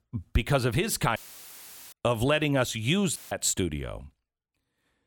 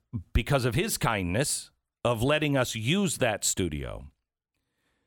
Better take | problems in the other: second | audio cutting out; filled with static; at 1 s for 1 s and at 3 s

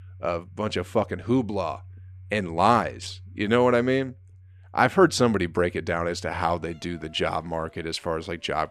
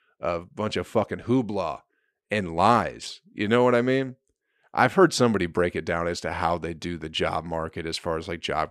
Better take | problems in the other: second | household noises; faint; throughout; 20 dB below the speech

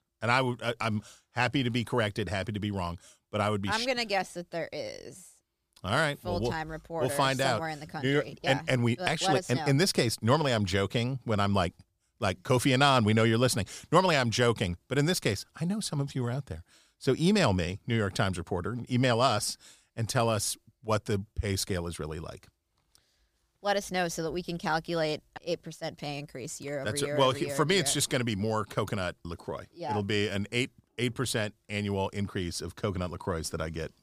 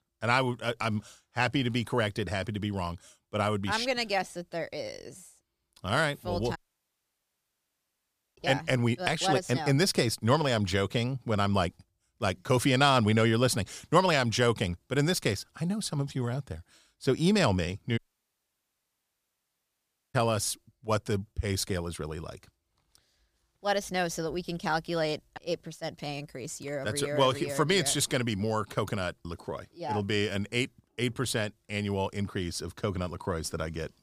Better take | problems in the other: first | audio cutting out; at 6.5 s for 2 s and at 18 s for 2 s

